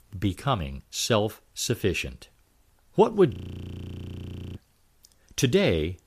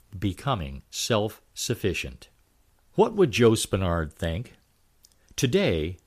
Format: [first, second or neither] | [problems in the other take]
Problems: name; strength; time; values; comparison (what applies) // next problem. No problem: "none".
second | audio freezing; at 3.5 s for 1 s